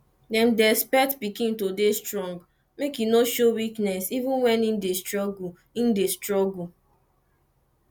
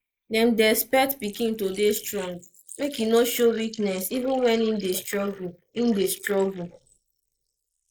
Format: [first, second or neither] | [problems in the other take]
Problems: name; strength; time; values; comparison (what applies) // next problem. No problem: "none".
first | noise reduction (neural mask model Resemble Enhance denoiser)